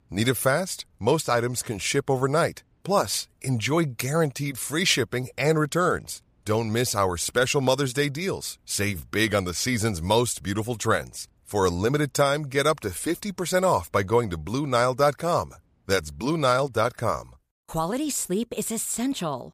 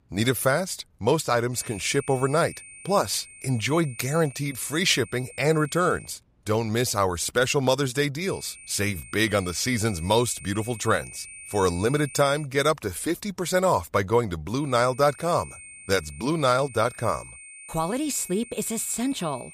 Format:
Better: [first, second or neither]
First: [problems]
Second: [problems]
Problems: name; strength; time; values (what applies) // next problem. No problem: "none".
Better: first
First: none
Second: high-pitched whine; noticeable; from 1.5 to 6 s, from 8.5 to 12 s and from 15 s on; 8.5 kHz, 15 dB below the speech